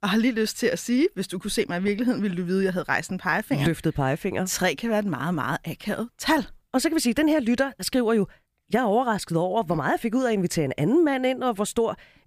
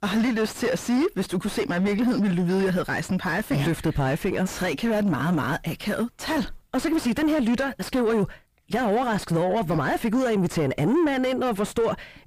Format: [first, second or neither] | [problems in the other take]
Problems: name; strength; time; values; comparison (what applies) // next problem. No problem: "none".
first | distortion; heavy; 6 dB below the speech